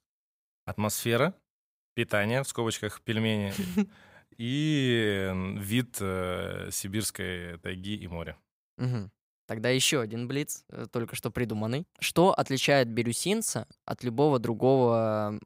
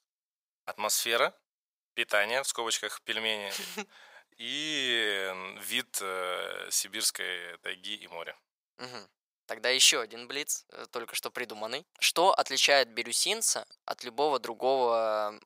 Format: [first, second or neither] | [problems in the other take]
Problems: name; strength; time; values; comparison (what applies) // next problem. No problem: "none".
first | thin; very; fading below 700 Hz